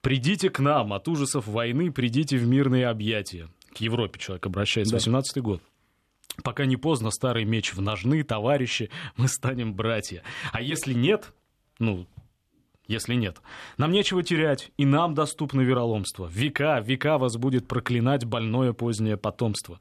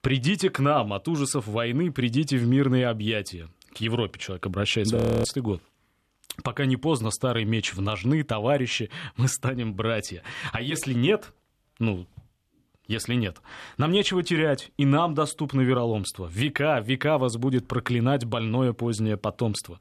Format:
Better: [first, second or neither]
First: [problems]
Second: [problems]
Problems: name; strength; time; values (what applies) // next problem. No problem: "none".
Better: first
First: none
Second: audio freezing; at 5 s